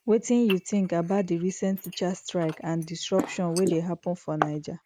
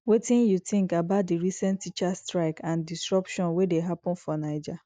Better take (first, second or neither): second